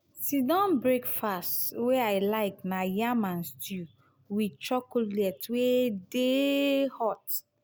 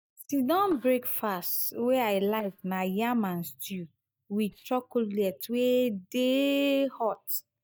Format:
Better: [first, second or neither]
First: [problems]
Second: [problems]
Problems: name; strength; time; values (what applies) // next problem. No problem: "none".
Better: first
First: none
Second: noise reduction (neural mask model DeepFilterNet 3)